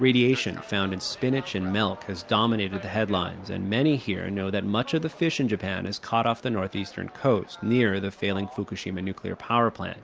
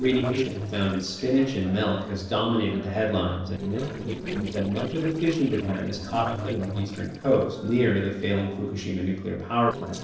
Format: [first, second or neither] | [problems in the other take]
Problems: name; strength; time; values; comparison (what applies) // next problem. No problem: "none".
first | noise reduction (neural separator model SepFormer DNS4)